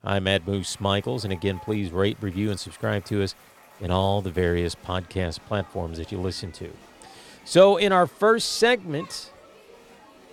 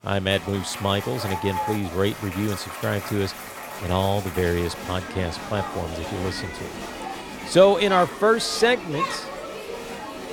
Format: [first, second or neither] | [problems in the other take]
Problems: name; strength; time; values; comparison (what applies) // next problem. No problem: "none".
first | crowd noise; loud; throughout; 9 dB below the speech; faint in the first